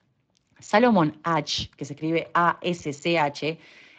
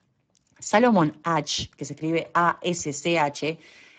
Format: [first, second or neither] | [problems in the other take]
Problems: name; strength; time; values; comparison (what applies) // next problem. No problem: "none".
first | garbled, watery; badly; nothing above 7.5 kHz; slightly in the first